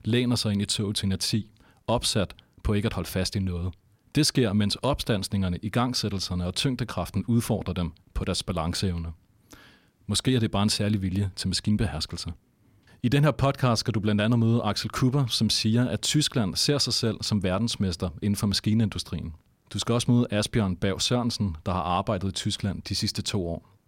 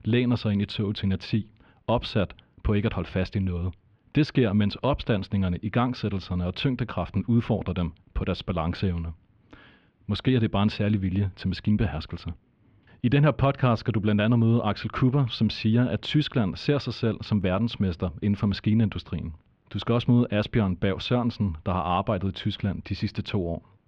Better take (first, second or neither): first